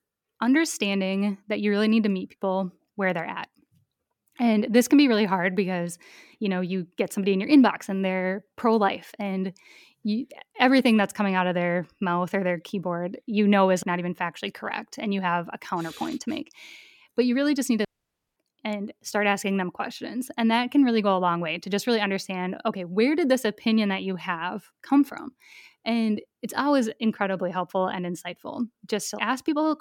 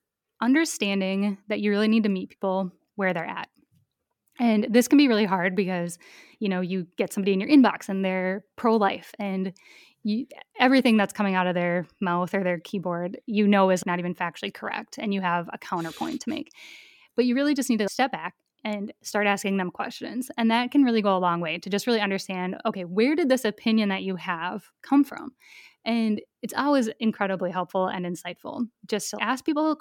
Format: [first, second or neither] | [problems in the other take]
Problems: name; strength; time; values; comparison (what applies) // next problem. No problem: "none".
second | audio cutting out; at 18 s for 0.5 s